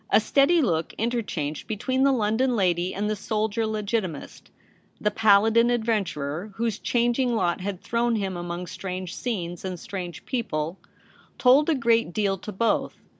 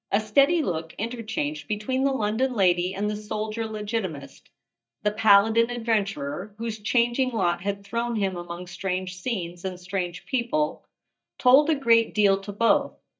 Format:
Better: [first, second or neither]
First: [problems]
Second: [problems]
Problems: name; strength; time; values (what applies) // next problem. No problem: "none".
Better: first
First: none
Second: noise reduction (neural mask model DeepFilterNet 3)